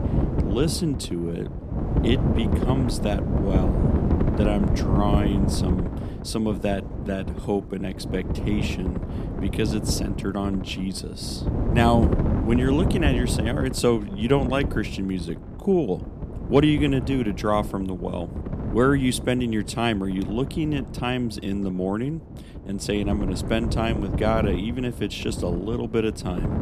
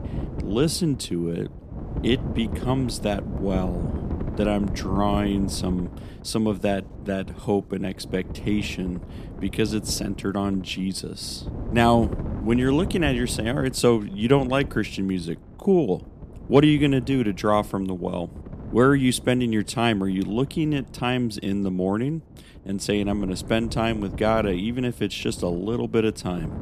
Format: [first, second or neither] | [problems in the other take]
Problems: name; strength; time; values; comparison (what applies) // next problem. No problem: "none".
second | wind noise on the microphone; heavy; 7 dB below the speech; occasional gusts in the second